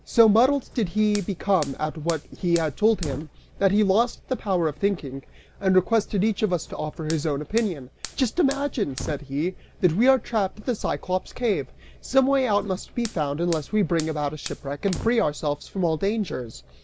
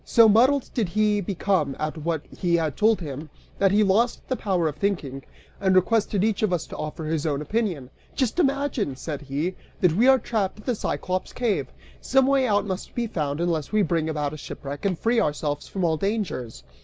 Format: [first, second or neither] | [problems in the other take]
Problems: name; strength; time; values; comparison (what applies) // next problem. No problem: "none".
second | background sound (Fire); 18 dB below the speech